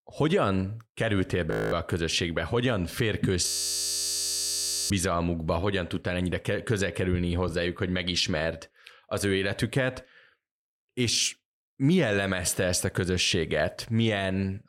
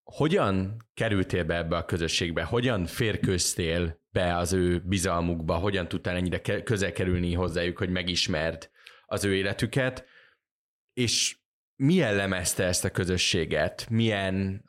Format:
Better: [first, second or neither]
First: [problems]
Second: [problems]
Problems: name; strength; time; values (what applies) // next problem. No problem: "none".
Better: second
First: audio freezing; at 1.5 s and at 3.5 s for 1.5 s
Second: none